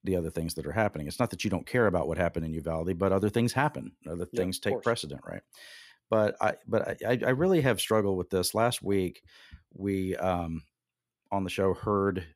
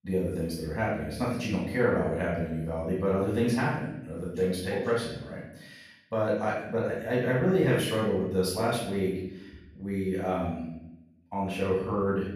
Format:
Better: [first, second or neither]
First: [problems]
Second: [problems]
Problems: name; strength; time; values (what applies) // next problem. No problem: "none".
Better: first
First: none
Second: room echo; noticeable; dies away in 0.8 s // off-mic speech; far